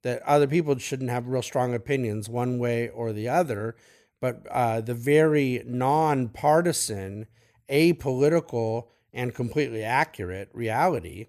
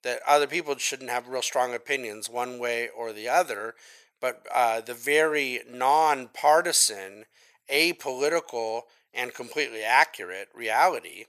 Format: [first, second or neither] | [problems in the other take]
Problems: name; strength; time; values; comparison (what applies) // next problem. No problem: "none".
first | thin; very; fading below 700 Hz